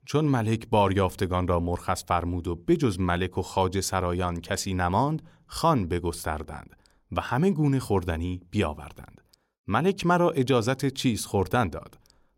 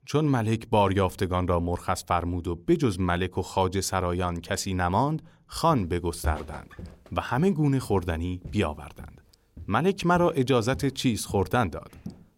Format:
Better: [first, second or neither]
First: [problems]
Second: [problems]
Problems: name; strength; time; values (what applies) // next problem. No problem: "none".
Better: first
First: none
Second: footsteps; noticeable; from 5.5 s on; peak 8 dB below the speech